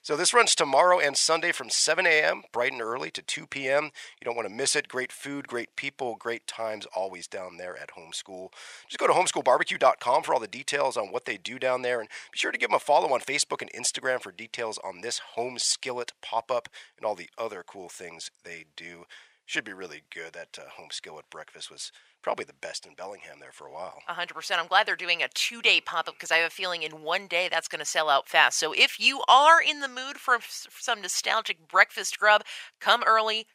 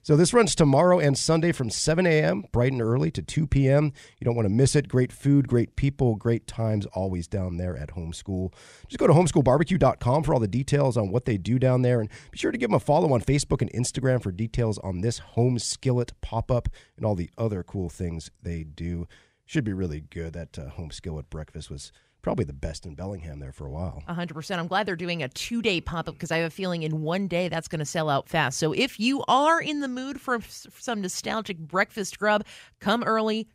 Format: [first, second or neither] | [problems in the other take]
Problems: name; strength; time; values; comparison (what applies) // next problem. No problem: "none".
second | thin; very; fading below 850 Hz